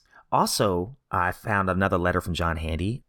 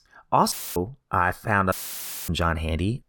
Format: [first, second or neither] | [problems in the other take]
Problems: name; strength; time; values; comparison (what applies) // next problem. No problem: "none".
first | audio cutting out; filled with static; at 0.5 s and at 1.5 s for 0.5 s